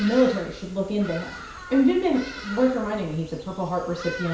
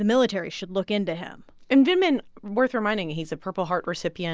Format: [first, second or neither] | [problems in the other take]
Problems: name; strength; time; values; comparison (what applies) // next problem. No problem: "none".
second | background sound (Bird vocalization, bird call, bird song); 14 dB below the speech // room echo; dies away in 0.6 s